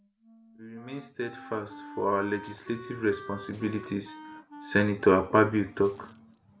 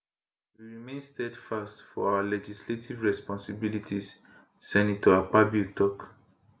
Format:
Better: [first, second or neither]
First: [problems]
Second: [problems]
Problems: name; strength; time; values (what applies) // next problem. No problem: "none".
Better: second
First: background sound (Wind instrument, woodwind instrument + Shatter); 18 dB below the speech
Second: none